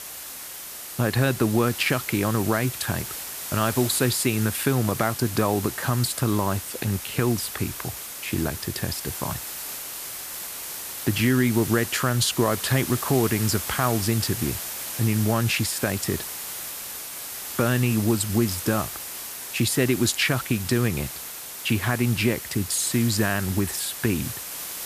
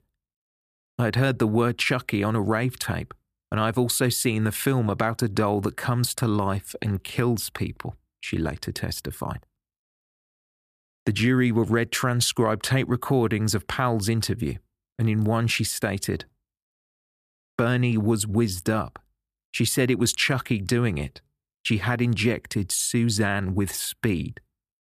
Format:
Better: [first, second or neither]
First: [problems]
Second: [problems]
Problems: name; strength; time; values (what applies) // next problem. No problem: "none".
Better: second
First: hiss; loud; throughout; 7 dB below the speech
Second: none